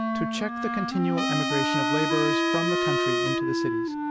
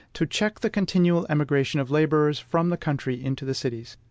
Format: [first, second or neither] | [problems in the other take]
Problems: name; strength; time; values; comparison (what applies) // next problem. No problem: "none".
second | background sound (Trumpet + Wind instrument, woodwind instrument); 5 dB above the speech